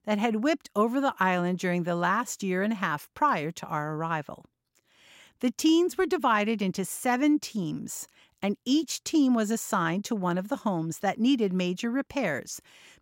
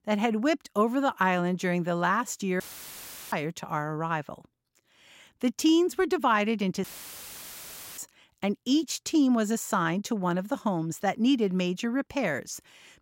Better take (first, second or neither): first